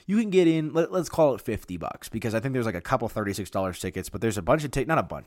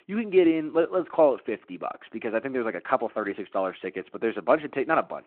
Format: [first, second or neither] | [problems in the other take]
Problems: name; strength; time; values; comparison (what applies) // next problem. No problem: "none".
first | phone-call audio